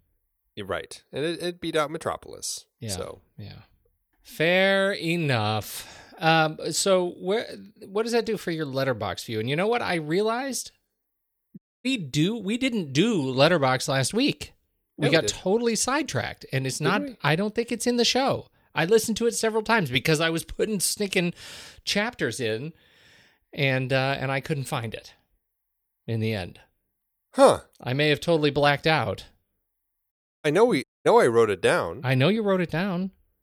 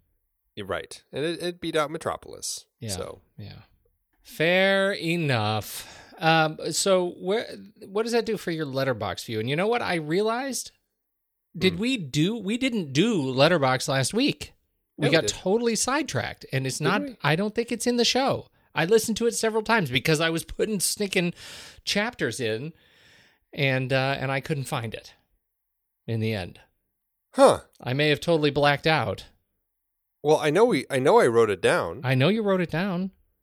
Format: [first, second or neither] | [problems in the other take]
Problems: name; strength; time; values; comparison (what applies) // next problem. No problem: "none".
second | audio cutting out; at 12 s, at 30 s and at 31 s